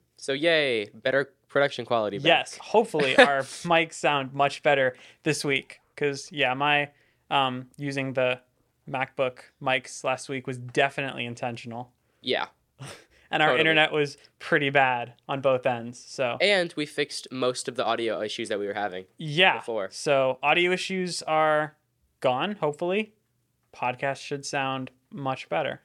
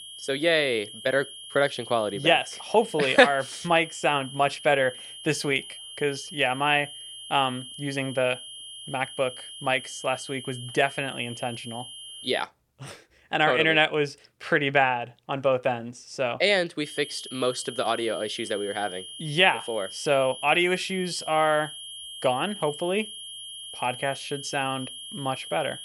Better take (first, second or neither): first